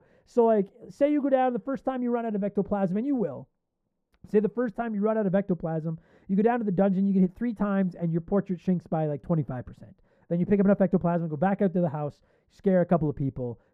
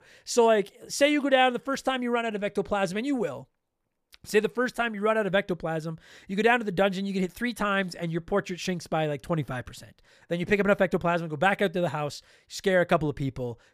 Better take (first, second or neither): second